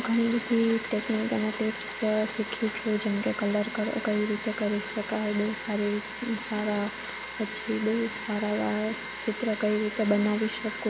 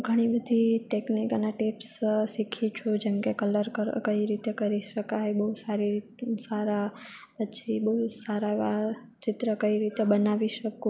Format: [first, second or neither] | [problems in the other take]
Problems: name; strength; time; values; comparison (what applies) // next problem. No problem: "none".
second | background sound (Domestic sounds, home sounds); 9 dB below the speech